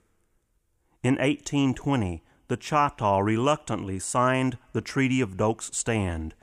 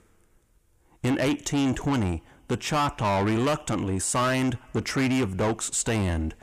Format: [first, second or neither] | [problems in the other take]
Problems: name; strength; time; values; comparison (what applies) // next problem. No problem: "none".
first | distortion; heavy; 7 dB below the speech